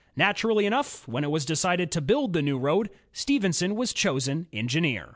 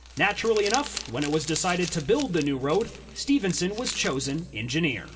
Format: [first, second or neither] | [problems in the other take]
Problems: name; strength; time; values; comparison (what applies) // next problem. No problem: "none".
first | background sound (Crumpling, crinkling); 13 dB below the speech // room echo; dies away in 1.4 s